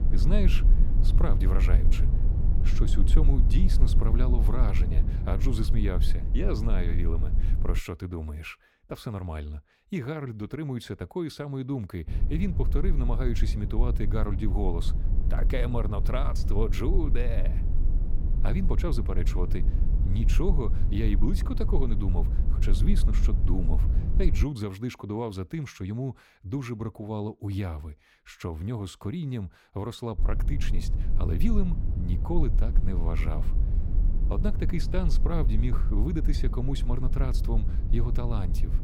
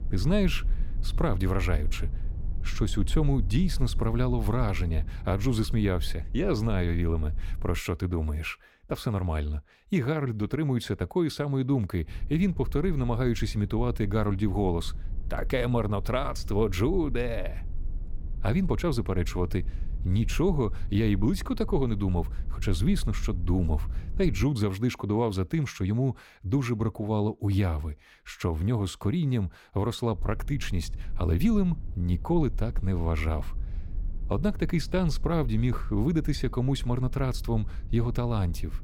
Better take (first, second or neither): second